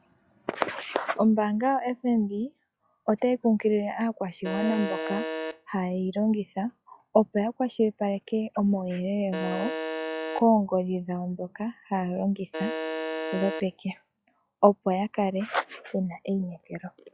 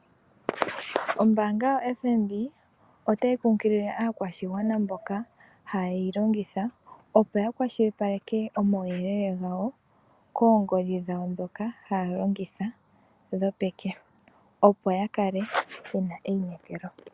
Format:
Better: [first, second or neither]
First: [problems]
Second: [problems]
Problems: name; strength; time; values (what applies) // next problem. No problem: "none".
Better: second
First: noise reduction (classical method log-MMSE)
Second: none